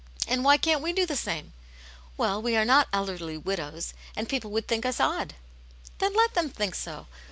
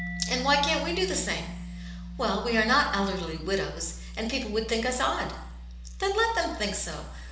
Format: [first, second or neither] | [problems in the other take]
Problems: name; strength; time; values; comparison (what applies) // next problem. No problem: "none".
first | background sound (Mallet percussion); 14 dB below the speech // room echo; dies away in 0.9 s